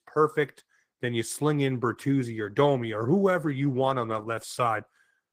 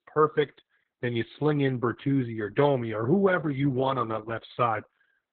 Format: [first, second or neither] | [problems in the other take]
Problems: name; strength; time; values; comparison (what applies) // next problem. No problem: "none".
first | garbled, watery; badly; nothing above 3.5 kHz; slightly in the first